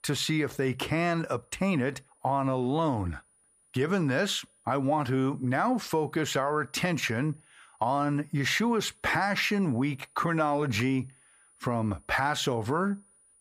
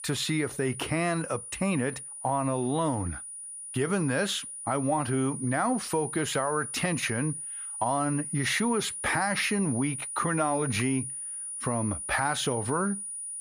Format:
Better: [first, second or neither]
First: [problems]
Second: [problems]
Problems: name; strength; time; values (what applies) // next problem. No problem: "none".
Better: first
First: high-pitched whine; faint; throughout; 9.5 kHz, 30 dB below the speech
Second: high-pitched whine; loud; throughout; 9.5 kHz, 6 dB below the speech